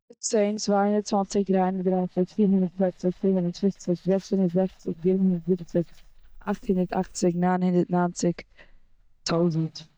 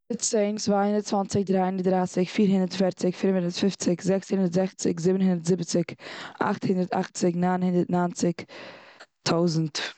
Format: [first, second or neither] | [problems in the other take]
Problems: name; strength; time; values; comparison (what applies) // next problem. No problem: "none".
second | noise reduction (neural mask model DeepFilterNet 3)